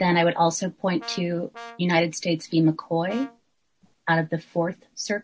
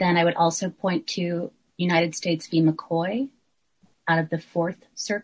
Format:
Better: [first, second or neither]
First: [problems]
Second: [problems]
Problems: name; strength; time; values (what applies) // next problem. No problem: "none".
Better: second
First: background sound (Brass instrument); 17 dB below the speech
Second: none